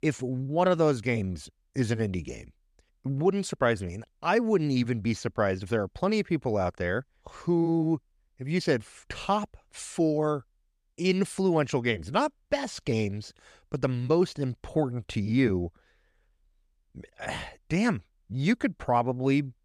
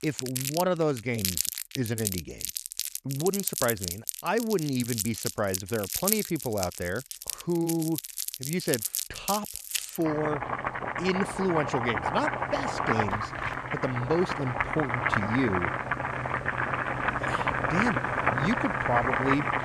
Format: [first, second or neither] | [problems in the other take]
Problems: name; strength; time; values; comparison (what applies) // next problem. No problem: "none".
first | household noises; very loud; throughout; as loud as the speech